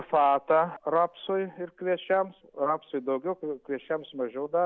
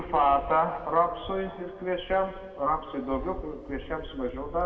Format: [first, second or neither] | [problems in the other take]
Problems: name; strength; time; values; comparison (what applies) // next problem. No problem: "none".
first | background sound (Fixed-wing aircraft, airplane); 14 dB below the speech // room echo; dies away in 1.6 s